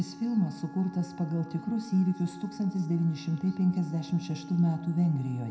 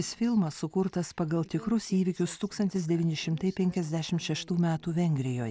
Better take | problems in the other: second | background sound (Wind instrument, woodwind instrument); 16 dB below the speech // room echo; dies away in 0.7 s

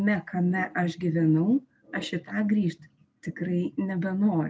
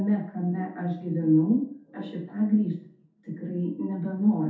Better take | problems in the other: first | room echo; dies away in 0.5 s

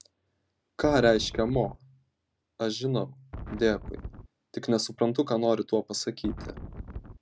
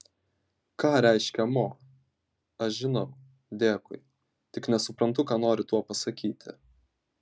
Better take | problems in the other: second | background sound (Wind); 10 dB below the speech

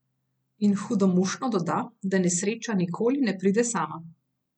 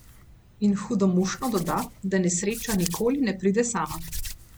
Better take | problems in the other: first | background sound (Hands); 13 dB below the speech

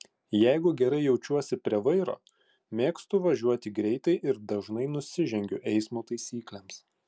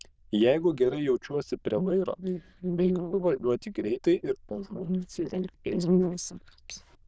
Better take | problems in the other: first | noise reduction (neural diffusion model UNIVERSE++)

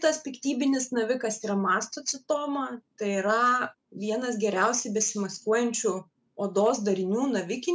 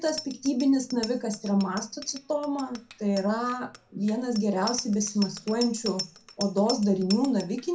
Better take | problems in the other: first | background sound (Bicycle bell); 14 dB below the speech // room echo; dies away in 0.2 s

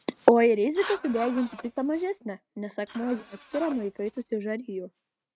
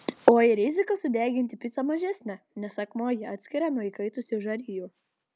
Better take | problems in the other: second | noise reduction (neural mask model RNNoise)

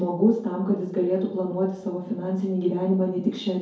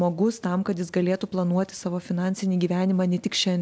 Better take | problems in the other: second | room echo; dies away in 2.3 s

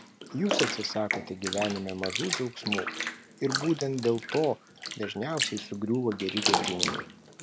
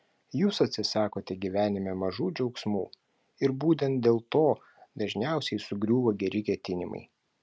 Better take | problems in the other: second | background sound (Bathtub (filling or washing)); 2 dB below the speech

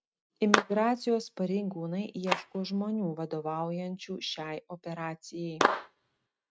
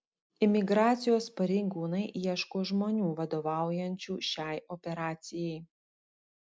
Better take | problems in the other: second | noise reduction (neural mask model RNNoise)

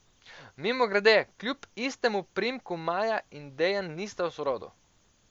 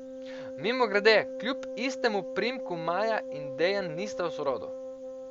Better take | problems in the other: first | background sound (Wind instrument, woodwind instrument); 8 dB below the speech

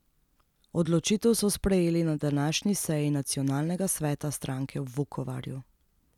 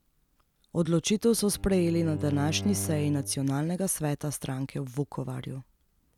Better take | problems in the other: first | background sound (Bowed string instrument); 10 dB below the speech

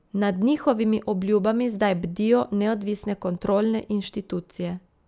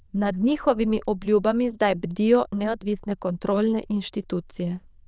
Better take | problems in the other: first | noise reduction (neural diffusion model UNIVERSE++)

